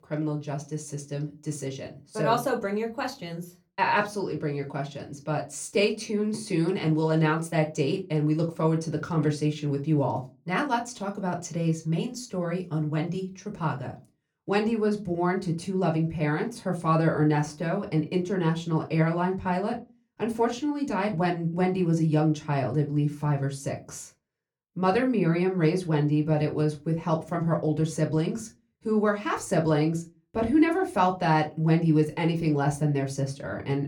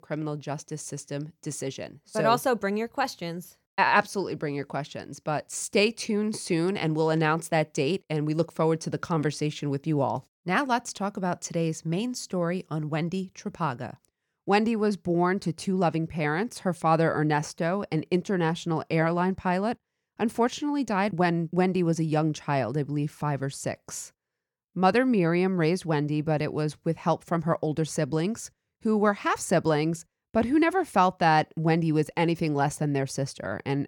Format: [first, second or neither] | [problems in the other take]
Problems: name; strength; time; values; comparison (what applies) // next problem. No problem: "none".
second | off-mic speech; somewhat distant // room echo; very slight; dies away in 0.2 s